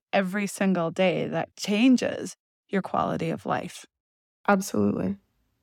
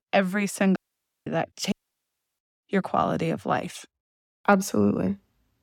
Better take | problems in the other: first | audio cutting out; at 1 s for 0.5 s and at 1.5 s for 0.5 s

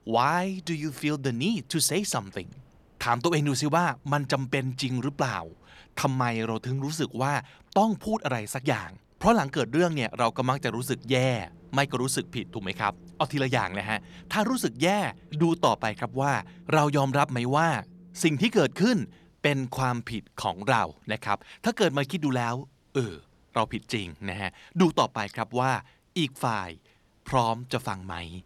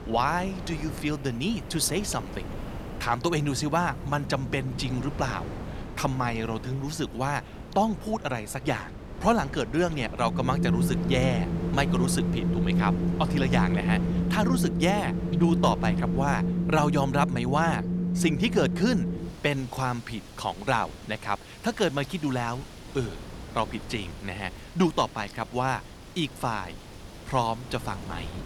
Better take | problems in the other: first | wind in the background; loud; throughout; 2 dB below the speech; faint in the first

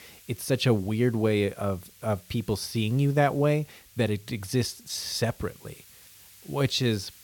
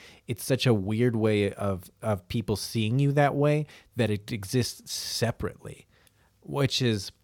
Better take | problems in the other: second | hiss; faint; throughout; 25 dB below the speech

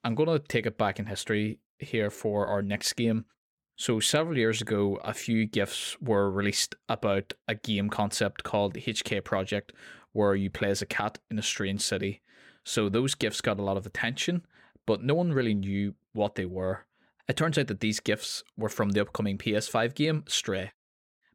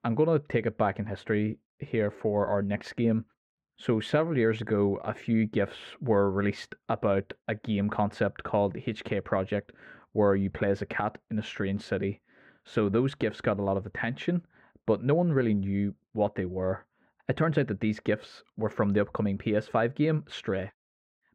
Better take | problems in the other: first | muffled; very; fading above 4 kHz

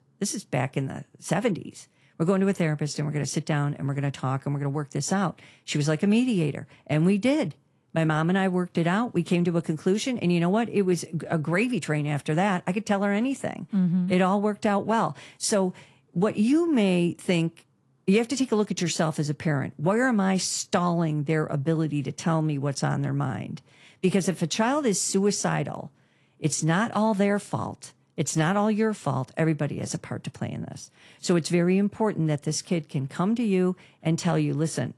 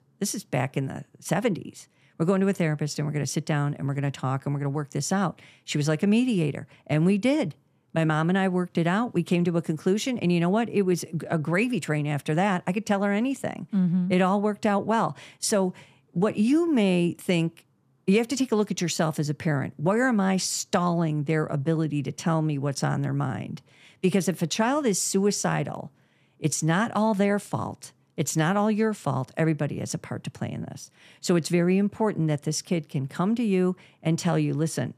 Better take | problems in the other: second | garbled, watery; slightly; nothing above 11 kHz

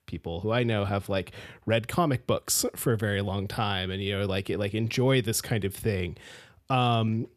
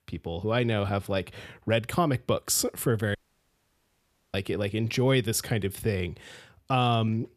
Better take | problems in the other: first | audio cutting out; at 3 s for 1 s

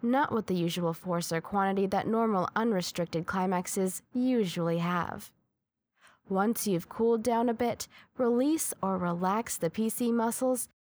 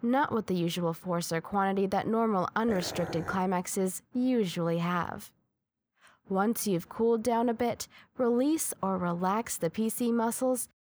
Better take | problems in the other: first | dog barking; noticeable; at 2.5 s; peak 9 dB below the speech

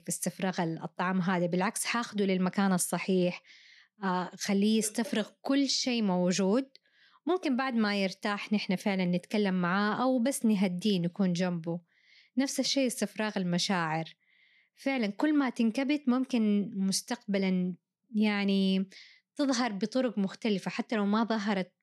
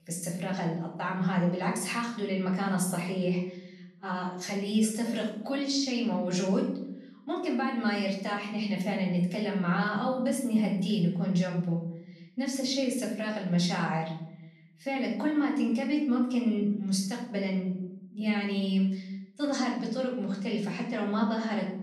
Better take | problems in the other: first | off-mic speech; far // room echo; noticeable; dies away in 0.9 s

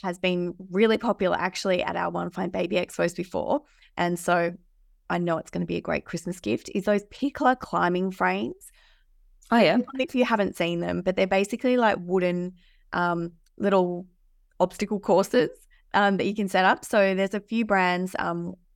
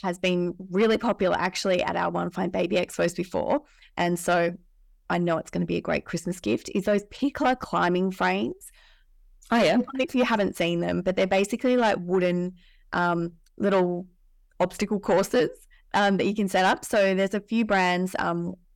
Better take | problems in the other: first | distortion; slight; 10 dB below the speech

